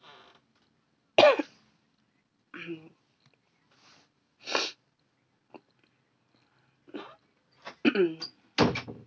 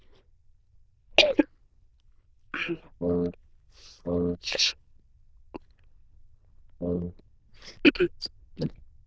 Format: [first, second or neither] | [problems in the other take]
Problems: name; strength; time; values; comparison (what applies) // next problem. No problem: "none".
first | noise reduction (neural diffusion model UNIVERSE++)